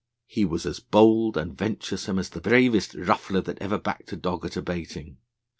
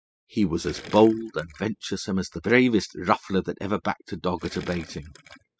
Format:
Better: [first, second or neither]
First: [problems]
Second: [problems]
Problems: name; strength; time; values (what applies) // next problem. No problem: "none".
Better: first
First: none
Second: noise reduction (classical method spectral subtraction)